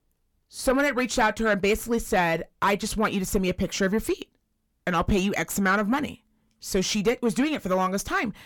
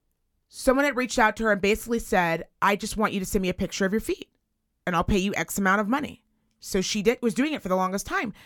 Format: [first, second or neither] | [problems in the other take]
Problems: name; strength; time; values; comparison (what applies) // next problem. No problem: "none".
second | distortion; slight; 10 dB below the speech